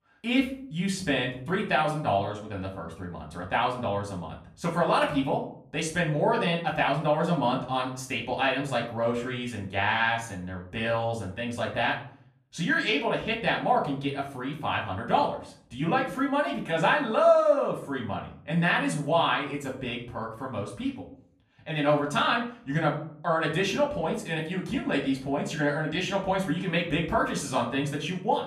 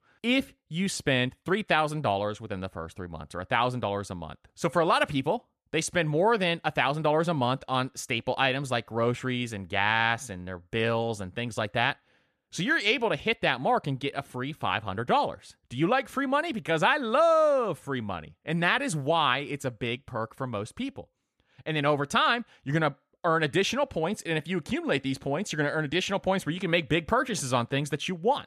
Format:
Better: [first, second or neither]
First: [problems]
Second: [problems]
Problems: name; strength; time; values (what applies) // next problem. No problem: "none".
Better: second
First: off-mic speech; far // room echo; slight; dies away in 0.4 s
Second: none